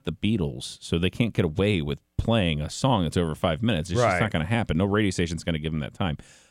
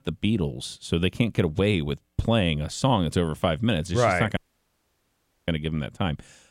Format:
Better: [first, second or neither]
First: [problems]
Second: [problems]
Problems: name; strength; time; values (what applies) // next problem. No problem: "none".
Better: first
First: none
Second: audio cutting out; at 4.5 s for 1 s